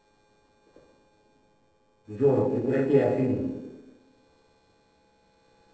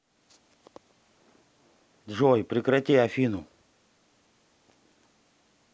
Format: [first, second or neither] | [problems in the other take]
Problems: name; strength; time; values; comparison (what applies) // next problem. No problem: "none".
second | noise reduction (neural separator model SepFormer DNS4)